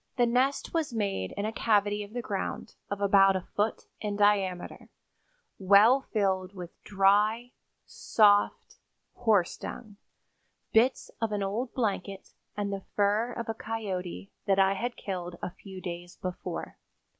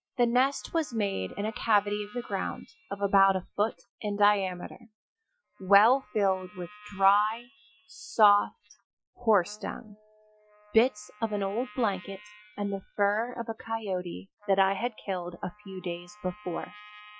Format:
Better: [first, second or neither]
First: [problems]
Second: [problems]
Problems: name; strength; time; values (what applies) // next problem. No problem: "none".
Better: first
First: none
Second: noise reduction (classical method Wiener filter)